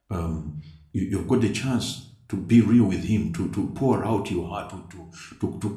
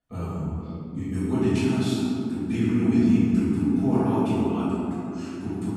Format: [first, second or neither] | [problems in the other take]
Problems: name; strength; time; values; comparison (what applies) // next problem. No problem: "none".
first | room echo; strong; dies away in 3 s; slight in the first // off-mic speech; far; somewhat distant in the first